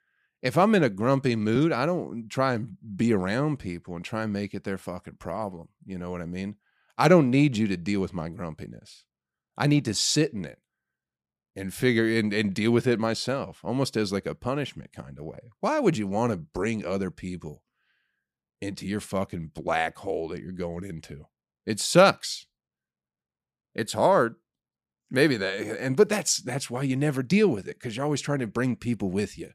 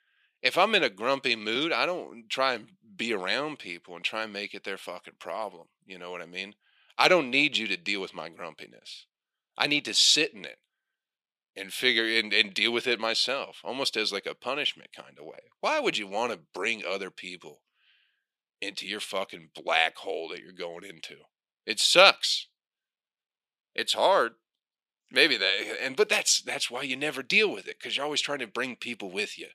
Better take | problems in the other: first | thin; somewhat; fading below 450 Hz

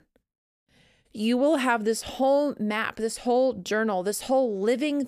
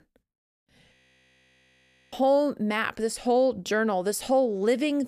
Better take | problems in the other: first | audio freezing; at 1 s for 1 s

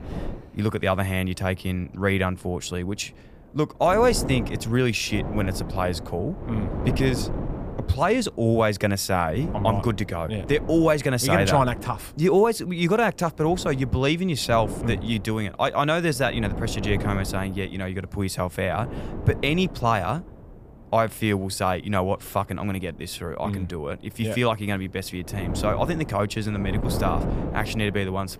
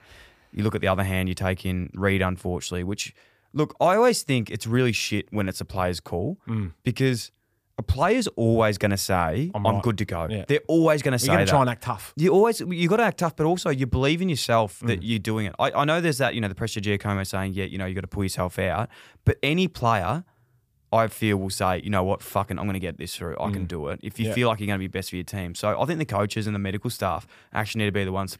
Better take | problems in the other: second | wind noise on the microphone; occasional gusts; 15 dB below the speech

